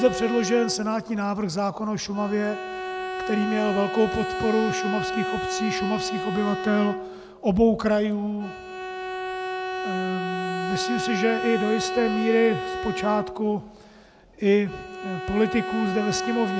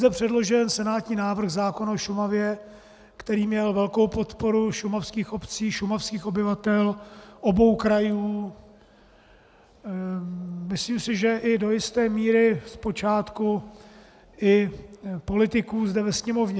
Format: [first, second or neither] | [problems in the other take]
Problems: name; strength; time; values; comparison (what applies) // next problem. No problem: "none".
second | background sound (Bowed string instrument); 5 dB below the speech